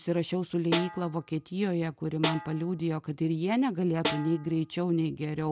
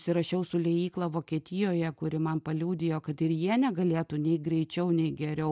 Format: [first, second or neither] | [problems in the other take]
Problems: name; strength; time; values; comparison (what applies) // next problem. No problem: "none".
second | background sound (Snare drum); 9 dB below the speech